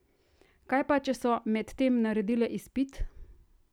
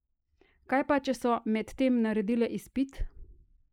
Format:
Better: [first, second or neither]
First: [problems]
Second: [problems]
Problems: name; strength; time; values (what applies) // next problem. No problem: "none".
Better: first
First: none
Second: noise reduction (neural mask model Resemble Enhance denoiser)